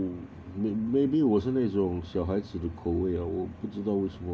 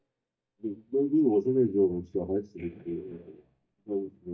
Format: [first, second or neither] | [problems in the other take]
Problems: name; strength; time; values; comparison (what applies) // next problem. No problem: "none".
first | noise reduction (neural mask model DeepFilterNet 3)